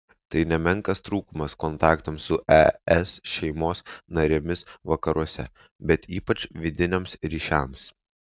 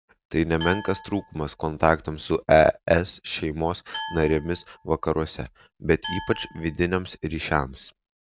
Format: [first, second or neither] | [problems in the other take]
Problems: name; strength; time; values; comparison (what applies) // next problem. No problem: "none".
first | background sound (Glass); 16 dB below the speech